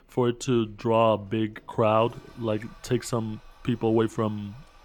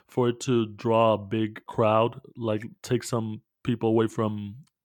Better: second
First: household noises; faint; throughout; 30 dB below the speech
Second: none

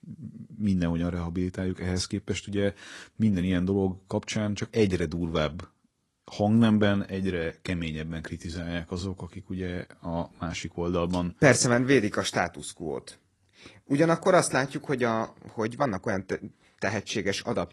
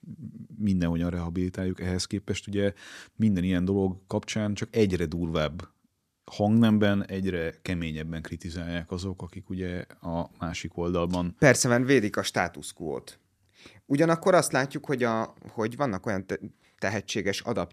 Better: second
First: garbled, watery; slightly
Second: none

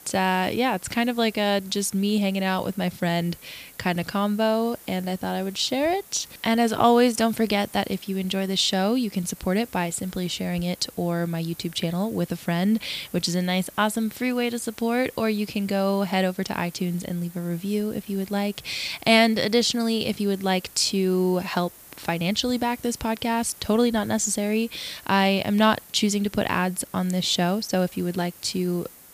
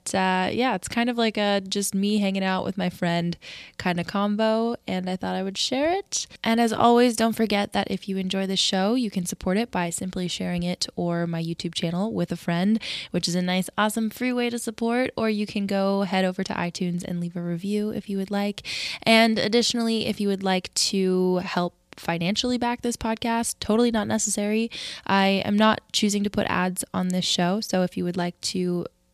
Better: second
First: hiss; faint; throughout; 20 dB below the speech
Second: none

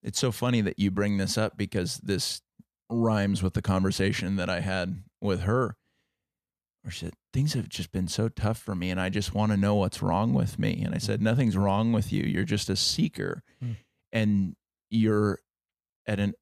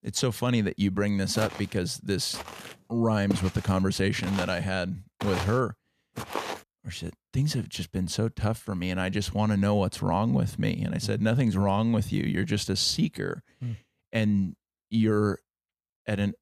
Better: first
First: none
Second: footsteps; noticeable; from 1.5 to 6.5 s; peak 6 dB below the speech

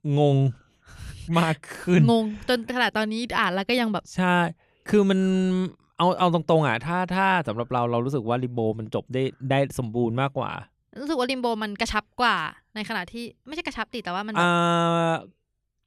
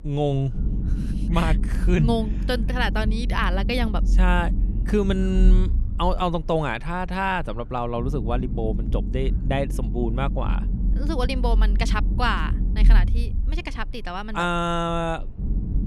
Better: first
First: none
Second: low rumble; noticeable; throughout; 15 dB below the speech

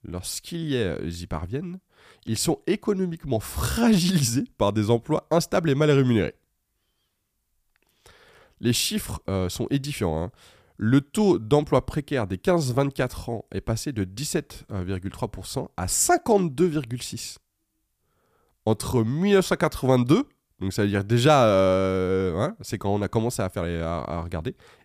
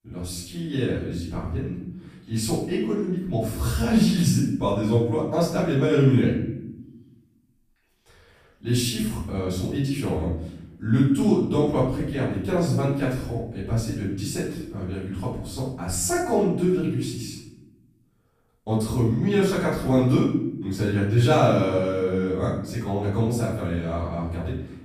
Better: first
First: none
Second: room echo; noticeable; dies away in 0.9 s // off-mic speech; far

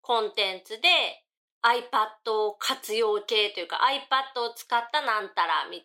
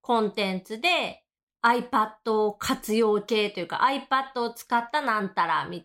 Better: second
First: thin; very; fading below 350 Hz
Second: none

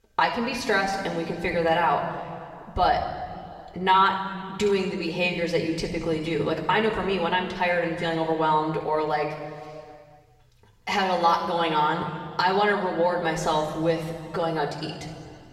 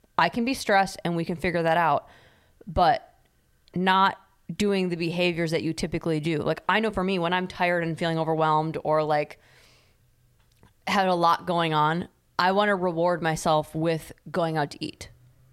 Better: second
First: room echo; noticeable; dies away in 2.1 s // off-mic speech; somewhat distant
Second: none

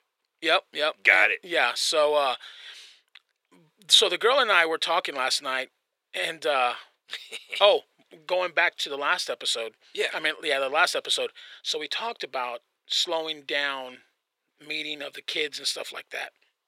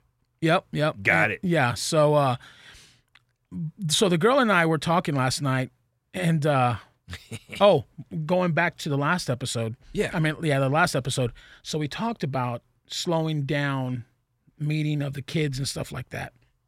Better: second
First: thin; very; fading below 450 Hz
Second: none

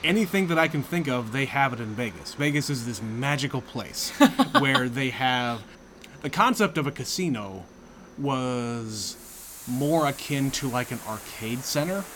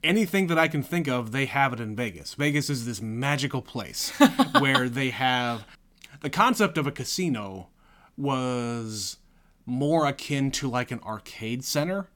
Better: second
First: train or aircraft noise; noticeable; throughout; 20 dB below the speech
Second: none

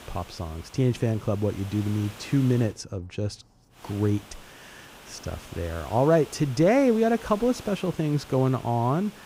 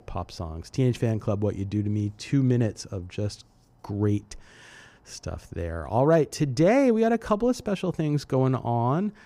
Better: second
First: hiss; noticeable; until 2.5 s and from 4 s on; 20 dB below the speech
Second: none

